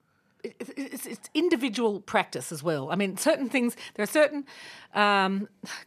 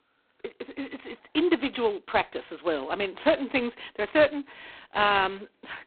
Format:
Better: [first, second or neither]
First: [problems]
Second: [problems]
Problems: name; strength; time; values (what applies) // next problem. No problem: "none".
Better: first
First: none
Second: phone-call audio; poor line; nothing above 4 kHz